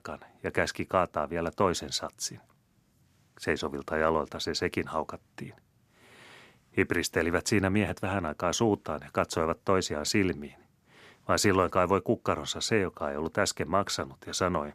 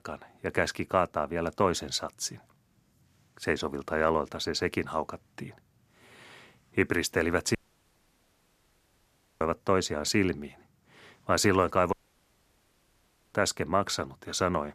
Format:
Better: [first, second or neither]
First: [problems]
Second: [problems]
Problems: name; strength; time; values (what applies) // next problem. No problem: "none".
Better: first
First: none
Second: audio cutting out; at 7.5 s for 2 s and at 12 s for 1.5 s